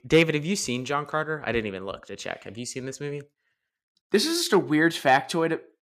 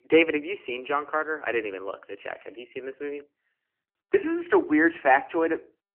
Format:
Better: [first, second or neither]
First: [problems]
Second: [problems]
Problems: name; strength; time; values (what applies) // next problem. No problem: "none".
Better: first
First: none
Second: phone-call audio; nothing above 3 kHz